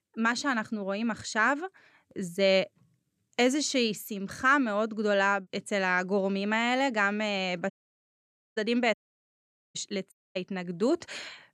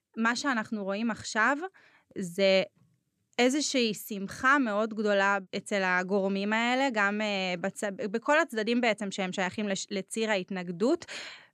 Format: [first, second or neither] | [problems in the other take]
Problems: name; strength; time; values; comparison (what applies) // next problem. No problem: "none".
second | audio cutting out; at 7.5 s for 1 s, at 9 s for 1 s and at 10 s